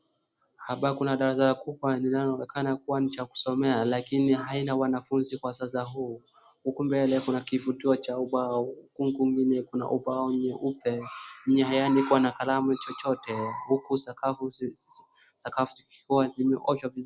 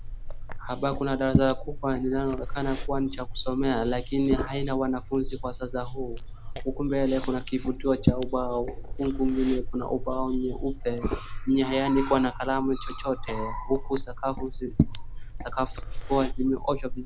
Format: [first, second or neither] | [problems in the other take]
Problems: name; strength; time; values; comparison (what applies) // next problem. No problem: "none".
first | background sound (Liquid); 3 dB below the speech